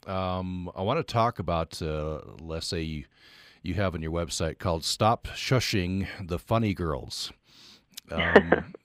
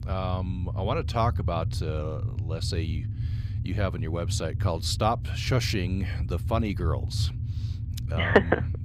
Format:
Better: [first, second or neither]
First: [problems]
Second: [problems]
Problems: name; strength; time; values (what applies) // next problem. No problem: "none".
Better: first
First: none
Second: low rumble; noticeable; throughout; 15 dB below the speech